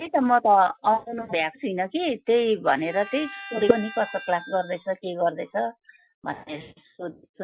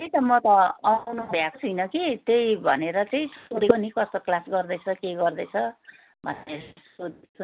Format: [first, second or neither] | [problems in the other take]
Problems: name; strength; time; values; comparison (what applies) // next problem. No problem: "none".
second | noise reduction (classical method Wiener filter)